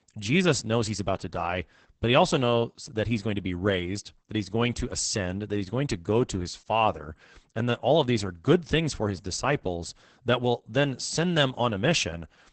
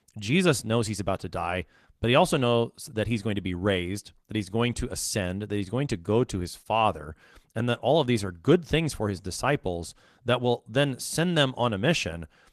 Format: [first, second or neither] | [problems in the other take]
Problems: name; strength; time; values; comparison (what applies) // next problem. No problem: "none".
second | garbled, watery; badly; nothing above 8 kHz; slightly in the second